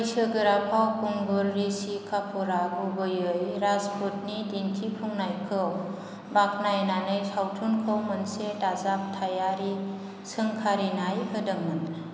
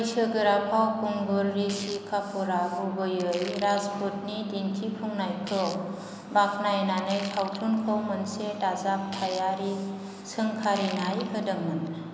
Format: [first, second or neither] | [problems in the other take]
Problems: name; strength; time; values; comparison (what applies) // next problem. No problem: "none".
first | background sound (Fart); 18 dB below the speech